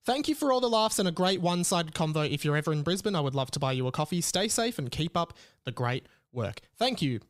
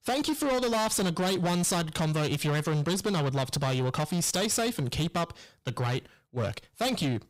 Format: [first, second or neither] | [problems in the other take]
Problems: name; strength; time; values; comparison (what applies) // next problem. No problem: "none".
first | distortion; heavy; 24% of the sound clipped